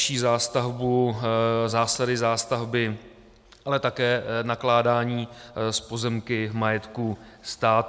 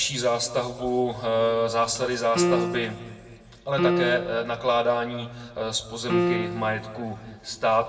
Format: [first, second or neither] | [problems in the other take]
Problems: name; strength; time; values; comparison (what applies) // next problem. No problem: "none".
first | background sound (Piano); 2 dB below the speech // room echo; dies away in 1.7 s